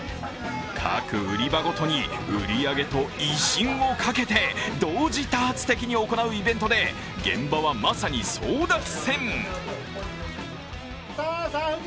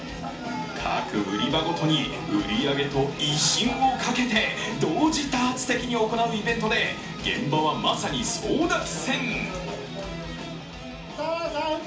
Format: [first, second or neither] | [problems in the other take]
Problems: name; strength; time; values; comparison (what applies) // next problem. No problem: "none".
first | room echo; dies away in 0.4 s